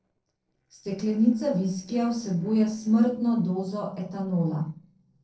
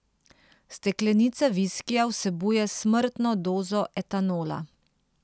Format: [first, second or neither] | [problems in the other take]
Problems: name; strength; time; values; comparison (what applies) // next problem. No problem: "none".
second | noise reduction (neural separator model SepFormer DNS4)